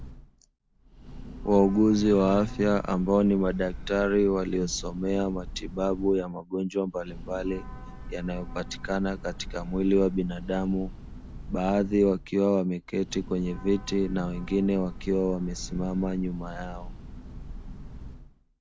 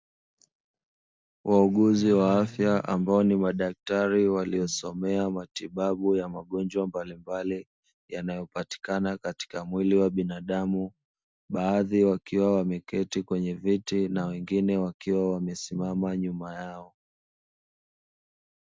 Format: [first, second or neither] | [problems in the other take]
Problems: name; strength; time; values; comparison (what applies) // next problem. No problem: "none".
second | background sound (Train / Breathing); 12 dB below the speech